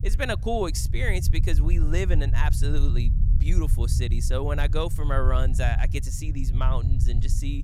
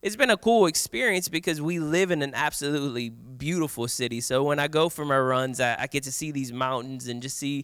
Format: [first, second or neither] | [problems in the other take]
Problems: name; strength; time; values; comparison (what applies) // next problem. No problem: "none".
second | low rumble; noticeable; throughout; 10 dB below the speech